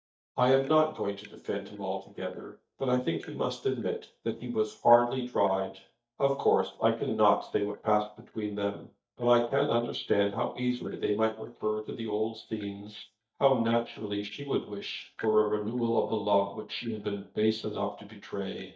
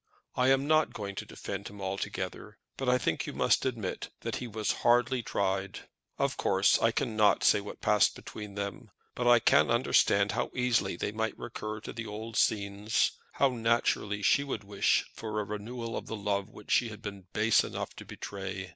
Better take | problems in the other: second | noise reduction (neural mask model DeepFilterNet 3)

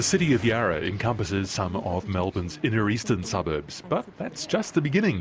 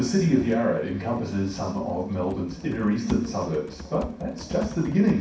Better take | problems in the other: first | background sound (Typing); 17 dB below the speech // room echo; dies away in 0.6 s

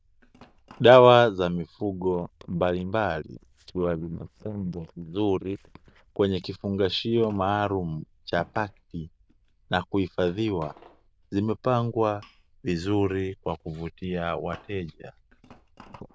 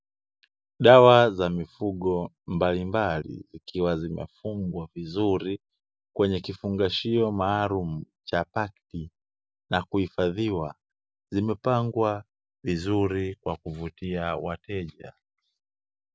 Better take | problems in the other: second | noise reduction (neural diffusion model UNIVERSE++)

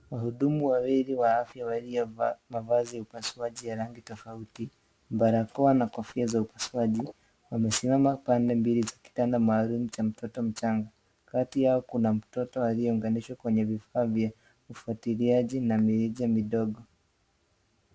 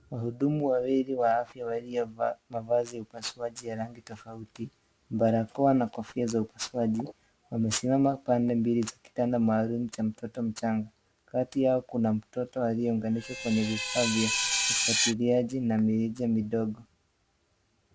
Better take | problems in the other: first | background sound (Screech); 2 dB below the speech

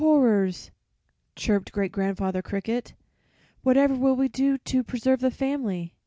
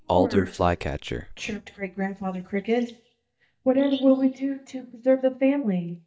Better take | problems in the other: first | noise reduction (neural mask model DeepFilterNet 3)

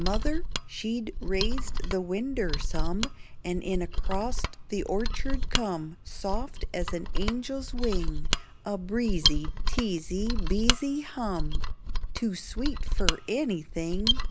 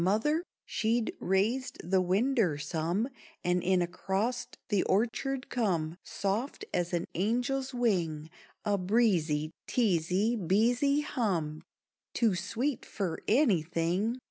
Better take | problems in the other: second | background sound (Mechanisms); 4 dB above the speech

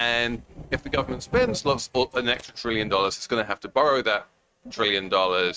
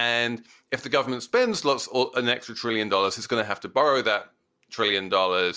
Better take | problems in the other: second | noise reduction (neural mask model RNNoise)

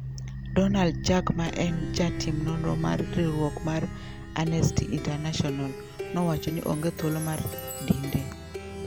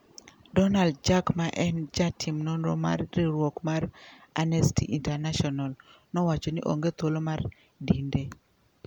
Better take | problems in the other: second | background sound (Plucked string instrument); 7 dB below the speech

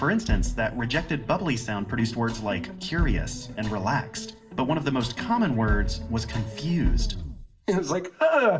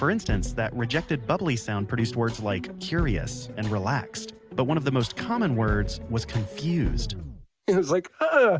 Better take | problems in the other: second | room echo; dies away in 0.4 s

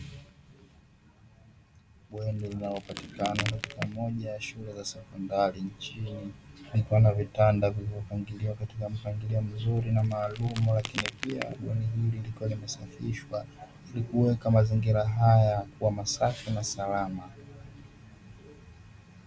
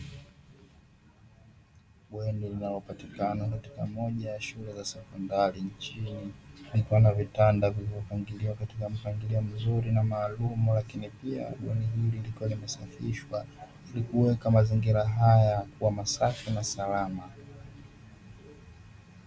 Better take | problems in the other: second | background sound (Crack); 12 dB below the speech

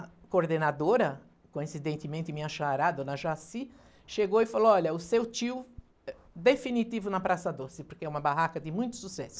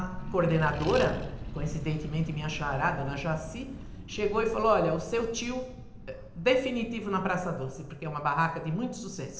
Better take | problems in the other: first | background sound (Accelerating, revving, vroom); 10 dB below the speech // room echo; dies away in 0.8 s

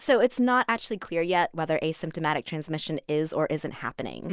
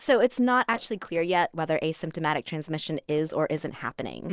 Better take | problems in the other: first | noise reduction (neural separator model SepFormer DNS4)

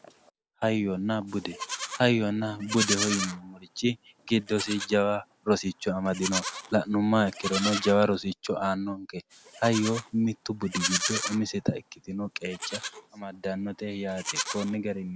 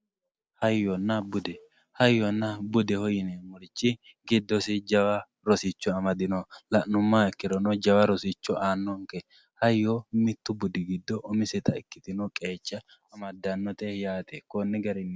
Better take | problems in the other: second | background sound (Livestock, farm animals, working animals); 8 dB below the speech

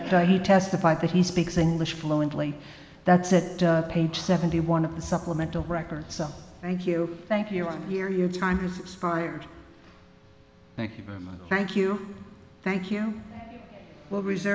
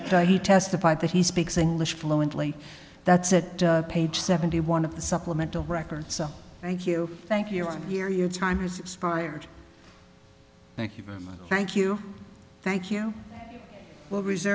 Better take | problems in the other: second | room echo; dies away in 1.3 s

